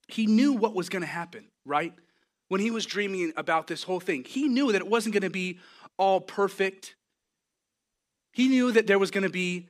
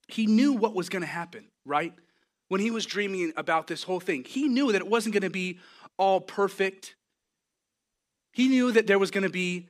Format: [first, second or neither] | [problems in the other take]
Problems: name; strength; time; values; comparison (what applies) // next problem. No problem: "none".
neither | none